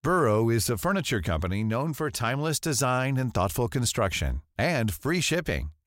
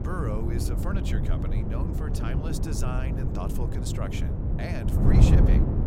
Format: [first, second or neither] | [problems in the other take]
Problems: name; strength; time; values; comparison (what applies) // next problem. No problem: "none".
first | wind noise on the microphone; heavy; 2 dB above the speech